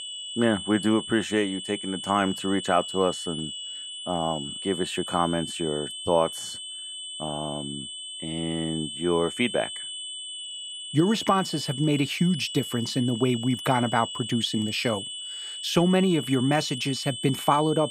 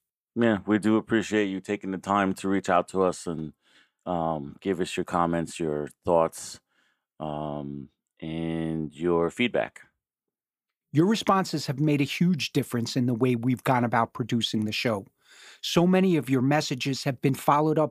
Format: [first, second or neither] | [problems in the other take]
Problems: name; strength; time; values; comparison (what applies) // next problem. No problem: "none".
second | high-pitched whine; loud; throughout; 3 kHz, 8 dB below the speech